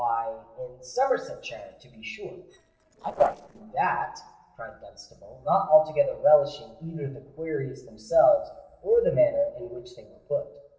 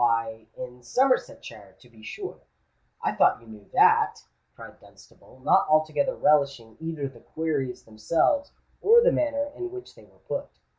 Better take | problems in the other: second | noise reduction (neural separator model SepFormer DNS4)

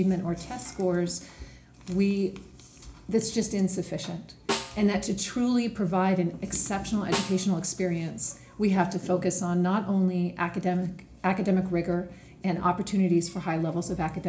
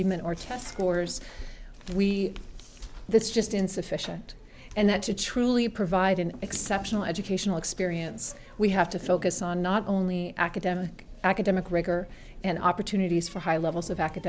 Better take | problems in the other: second | background sound (Snare drum); 12 dB below the speech // room echo; dies away in 0.4 s

